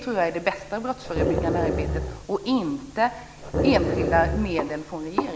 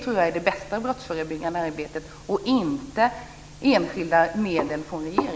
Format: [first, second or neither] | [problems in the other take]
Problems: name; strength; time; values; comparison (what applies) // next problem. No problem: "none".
second | background sound (Growling); 1 dB above the speech